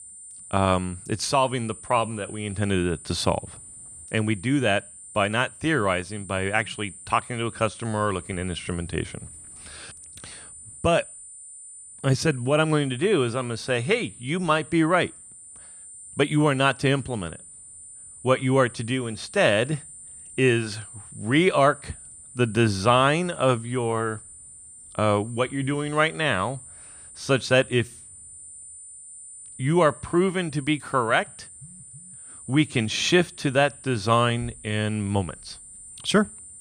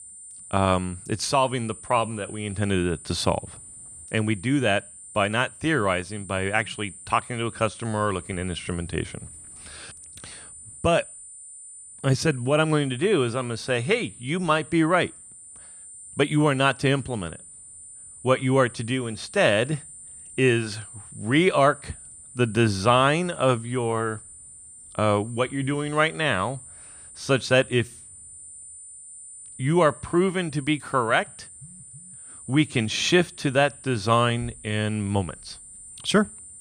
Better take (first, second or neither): neither